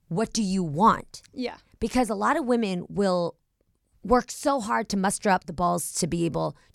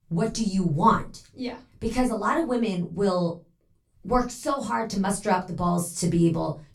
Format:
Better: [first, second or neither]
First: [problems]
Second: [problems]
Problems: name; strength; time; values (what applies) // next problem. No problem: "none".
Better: first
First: none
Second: off-mic speech; far // room echo; very slight; dies away in 0.2 s